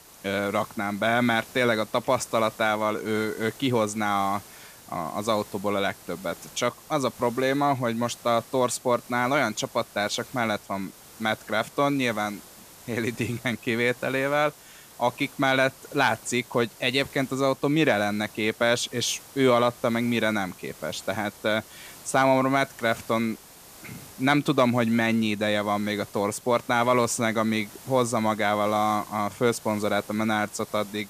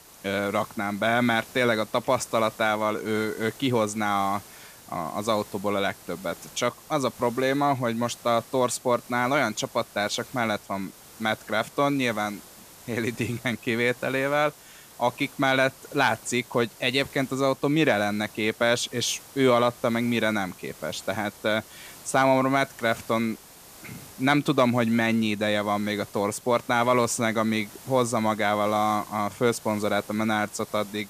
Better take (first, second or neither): neither